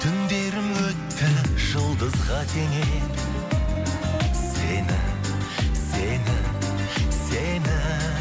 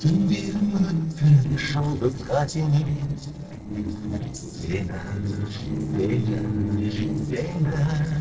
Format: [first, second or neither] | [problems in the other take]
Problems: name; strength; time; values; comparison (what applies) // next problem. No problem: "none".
first | noise reduction (neural separator model SepFormer DNS4)